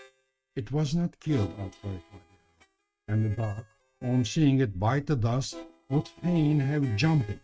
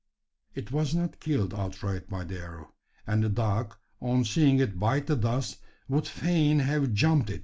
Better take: second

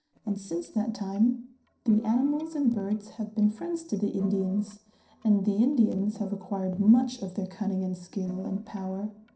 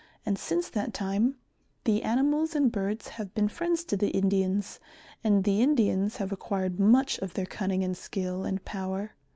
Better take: second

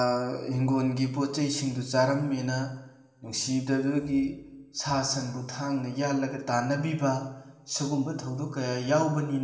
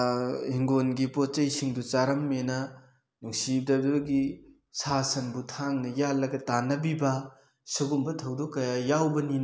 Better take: second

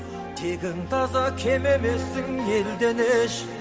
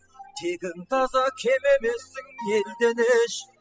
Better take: first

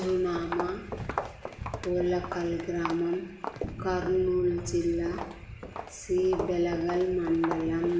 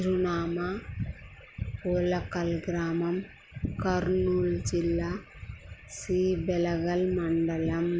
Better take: second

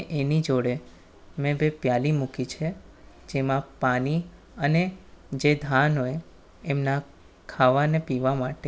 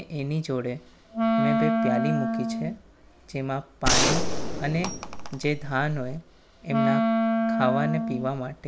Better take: first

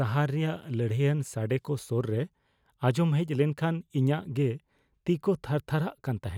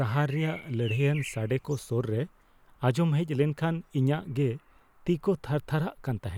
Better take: first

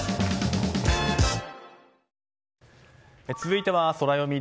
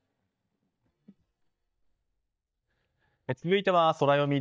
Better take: first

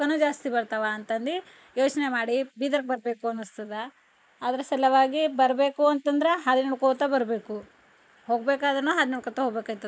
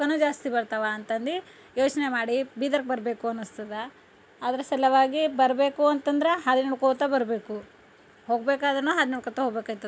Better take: second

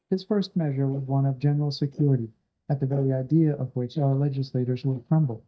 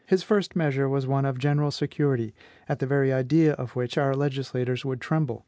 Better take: second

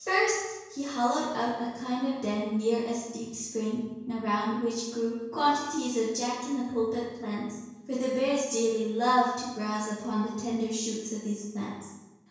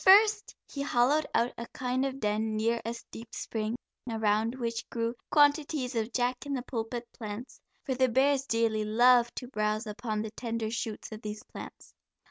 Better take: second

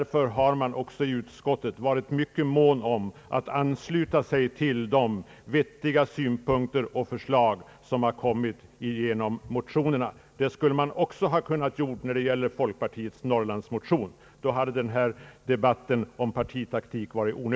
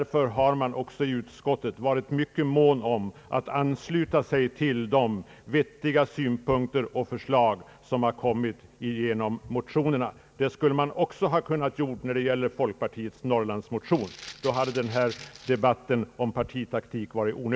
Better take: first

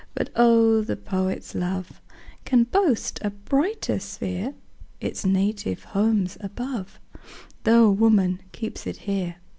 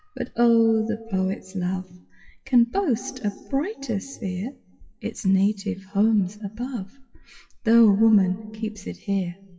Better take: first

